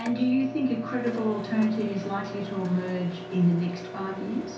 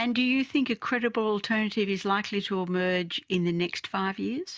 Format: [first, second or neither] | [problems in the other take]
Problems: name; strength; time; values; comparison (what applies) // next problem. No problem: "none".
second | background sound (Microwave oven); 11 dB below the speech // room echo; dies away in 0.6 s